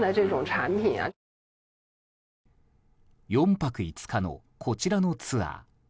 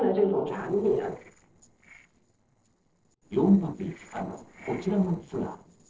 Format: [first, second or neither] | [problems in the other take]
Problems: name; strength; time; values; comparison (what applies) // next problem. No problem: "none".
first | noise reduction (neural separator model SepFormer DNS4)